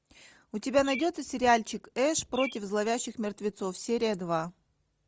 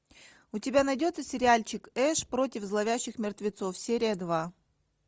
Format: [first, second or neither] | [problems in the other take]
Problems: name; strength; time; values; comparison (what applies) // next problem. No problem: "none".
second | background sound (Bird); 15 dB below the speech